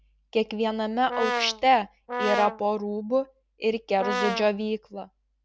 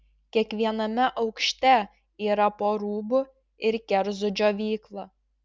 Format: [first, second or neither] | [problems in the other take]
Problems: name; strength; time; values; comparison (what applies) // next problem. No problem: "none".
second | background sound (Brass instrument); 5 dB below the speech